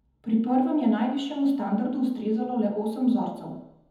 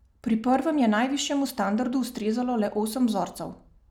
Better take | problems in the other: second | room echo; dies away in 1 s

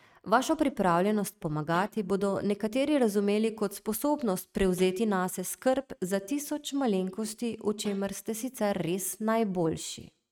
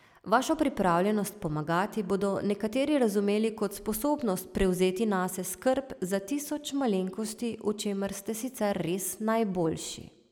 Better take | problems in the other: second | noise reduction (neural mask model RNNoise)

